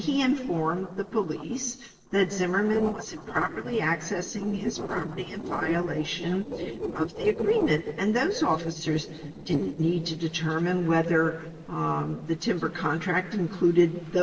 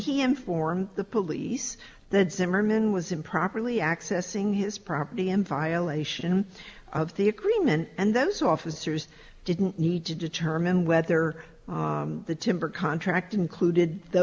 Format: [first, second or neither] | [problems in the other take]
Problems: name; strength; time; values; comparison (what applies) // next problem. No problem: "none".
second | noise reduction (neural separator model SepFormer DNS4)